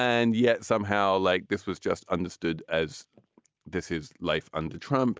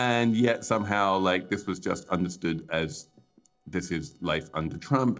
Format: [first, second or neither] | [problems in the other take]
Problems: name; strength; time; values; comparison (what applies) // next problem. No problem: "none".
first | noise reduction (neural separator model SepFormer DNS4)